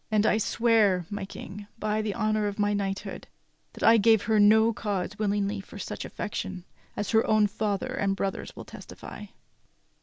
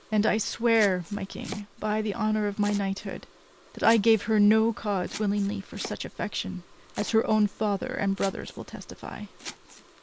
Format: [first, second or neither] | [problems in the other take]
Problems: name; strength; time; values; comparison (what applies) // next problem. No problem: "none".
first | background sound (Domestic sounds, home sounds); 19 dB below the speech